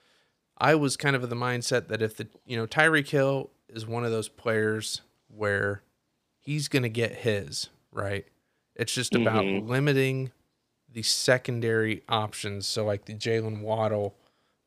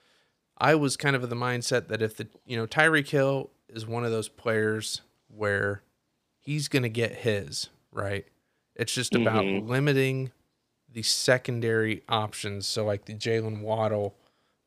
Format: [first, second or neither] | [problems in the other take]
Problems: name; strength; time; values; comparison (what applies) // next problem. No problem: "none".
neither | none